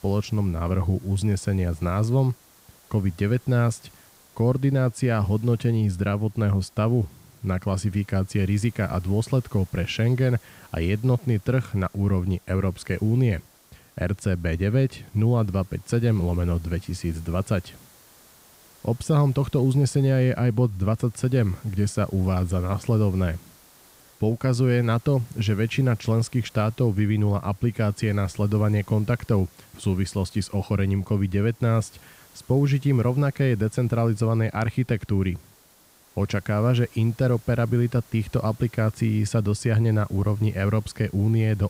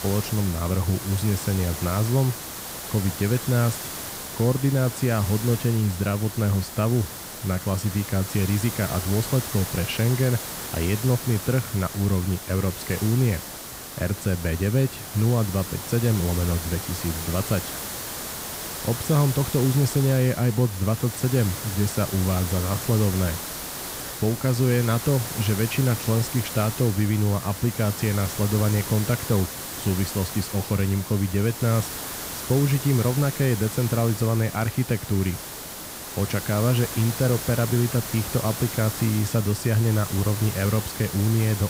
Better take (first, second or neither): first